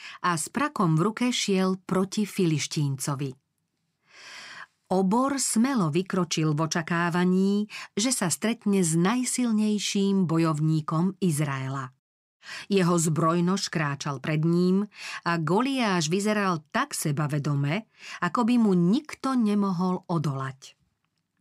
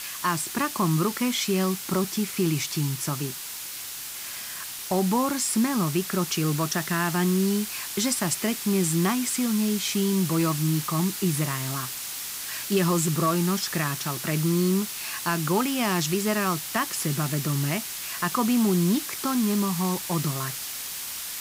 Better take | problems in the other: first | hiss; loud; throughout; 6 dB below the speech

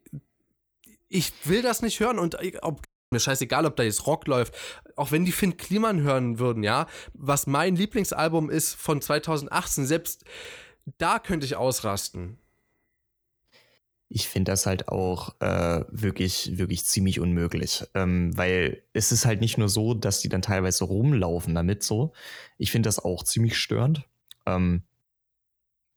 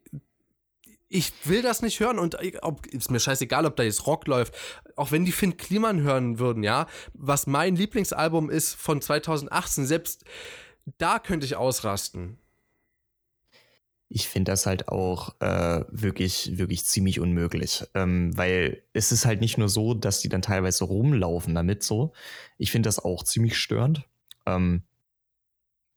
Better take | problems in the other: second | audio cutting out; at 3 s

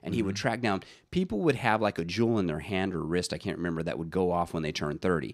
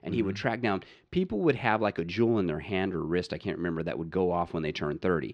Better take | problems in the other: first | muffled; very slightly; fading above 3 kHz

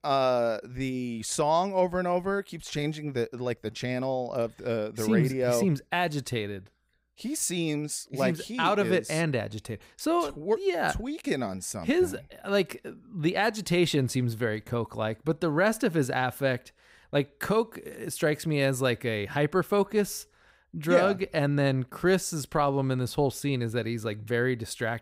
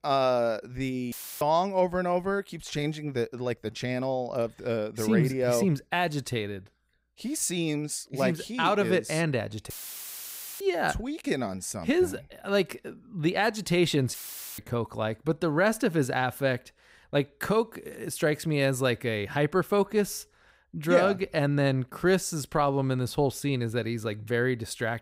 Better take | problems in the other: first | audio cutting out; filled with static; at 1 s, at 9.5 s for 1 s and at 14 s

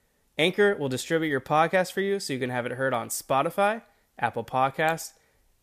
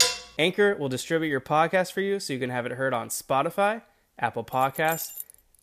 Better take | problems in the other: first | clattering dishes; loud; at the start; peak 4 dB above the speech // jangling keys; noticeable; at 4.5 s; peak 8 dB below the speech

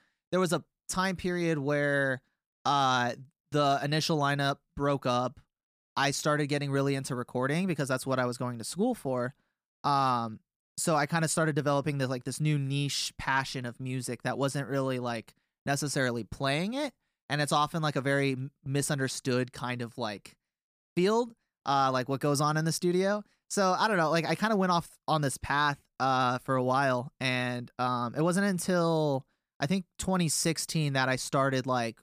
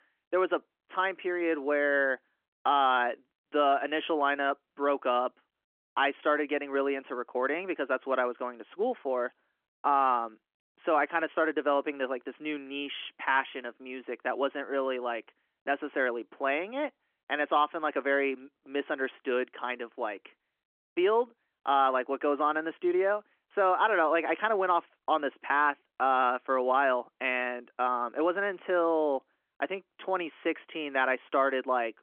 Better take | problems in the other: first | phone-call audio; nothing above 3.5 kHz

